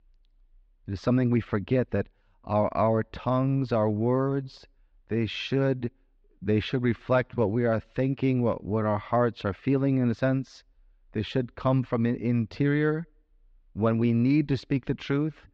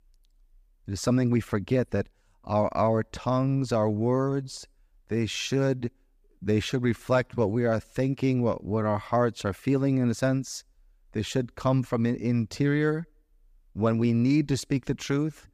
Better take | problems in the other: second | muffled; slightly; fading above 4 kHz

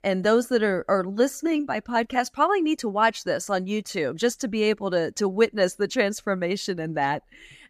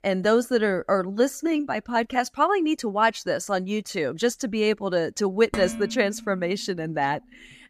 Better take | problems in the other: first | clattering dishes; noticeable; at 5.5 s; peak 8 dB below the speech

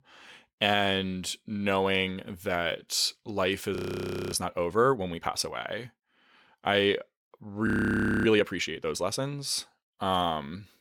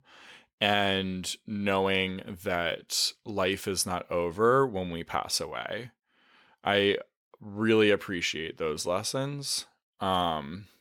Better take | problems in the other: second | audio freezing; at 4 s for 0.5 s and at 7.5 s for 0.5 s

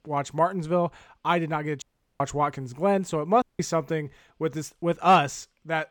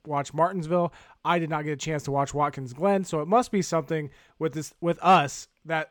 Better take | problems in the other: second | audio cutting out; at 2 s and at 3.5 s

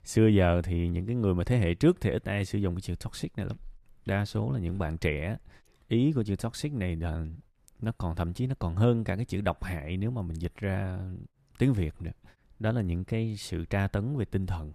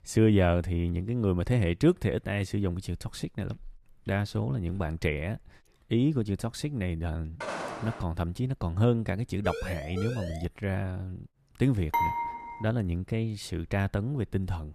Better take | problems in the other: first | footsteps; noticeable; at 7.5 s; peak 5 dB below the speech // siren; noticeable; from 9.5 to 10 s; peak 8 dB below the speech // clattering dishes; loud; at 12 s; peak 1 dB above the speech

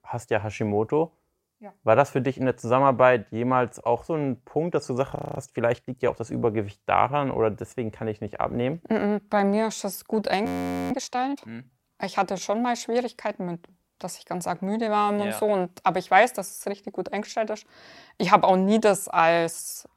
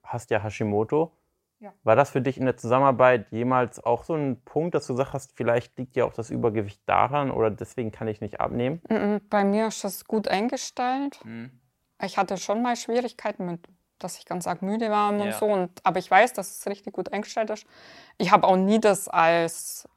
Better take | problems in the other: second | audio freezing; at 5 s and at 10 s

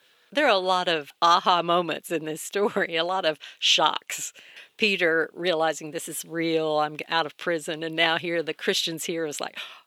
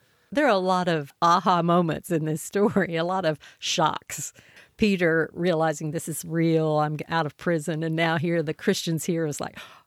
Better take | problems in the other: second | thin; somewhat; fading below 350 Hz

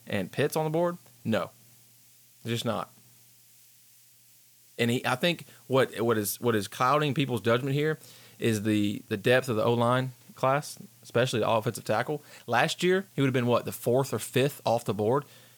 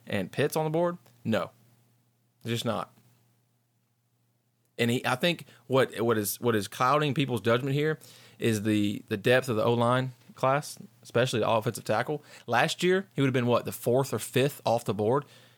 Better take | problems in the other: second | hiss; faint; throughout; 25 dB below the speech

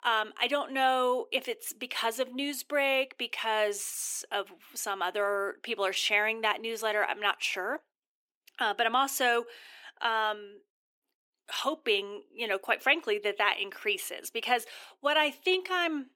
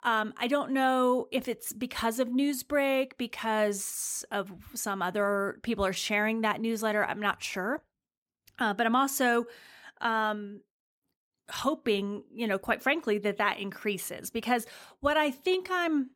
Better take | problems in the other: second | thin; somewhat; fading below 350 Hz

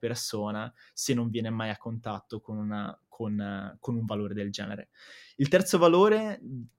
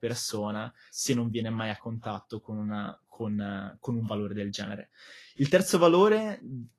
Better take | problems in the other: first | garbled, watery; slightly; nothing above 12 kHz

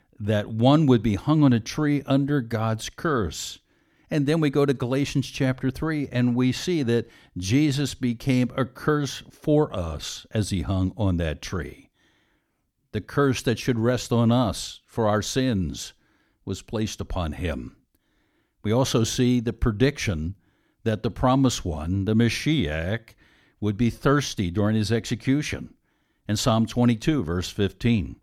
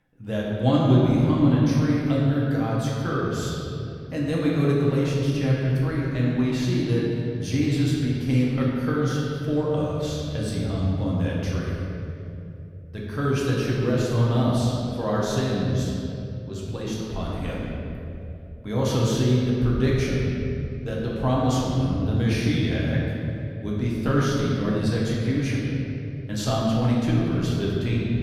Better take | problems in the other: first | room echo; strong; dies away in 3 s // off-mic speech; far

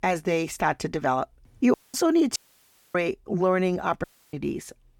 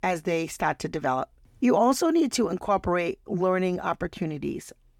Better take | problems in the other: second | audio cutting out; at 1.5 s, at 2.5 s for 0.5 s and at 4 s

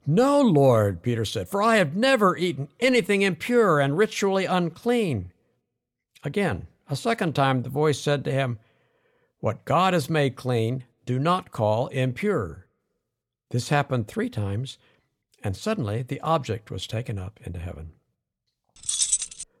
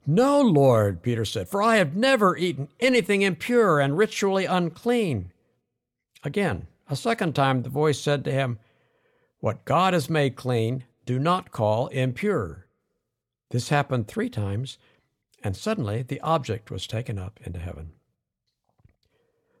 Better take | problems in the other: second | jangling keys; loud; at 19 s; peak 2 dB above the speech

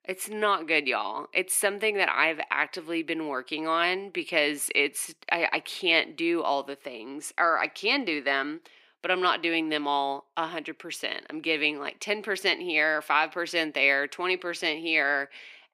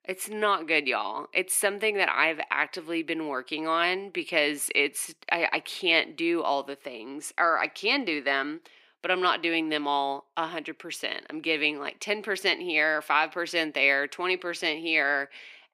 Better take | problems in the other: neither | thin; somewhat; fading below 300 Hz; the same in both

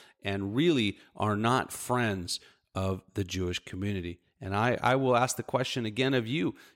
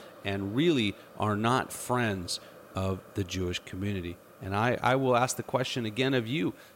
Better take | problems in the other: first | hiss; faint; throughout; 20 dB below the speech

